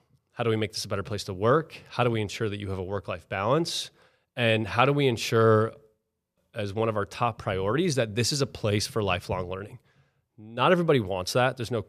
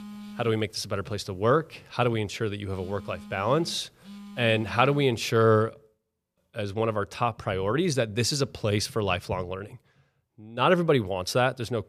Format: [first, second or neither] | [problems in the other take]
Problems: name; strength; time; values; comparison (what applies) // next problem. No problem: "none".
first | alarms or sirens; noticeable; until 5.5 s; 20 dB below the speech